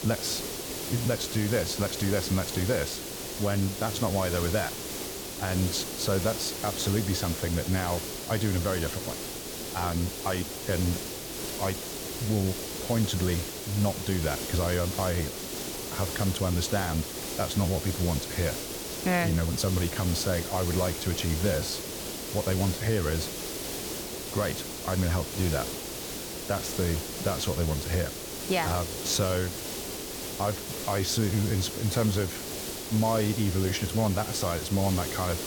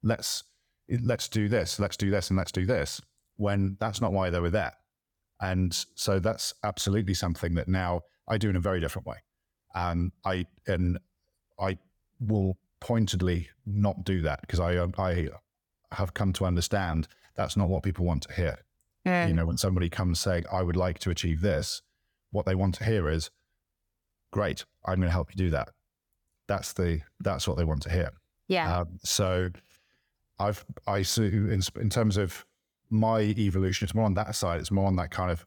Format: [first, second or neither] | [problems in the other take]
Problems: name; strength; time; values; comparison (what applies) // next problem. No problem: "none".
second | hiss; loud; throughout; 4 dB below the speech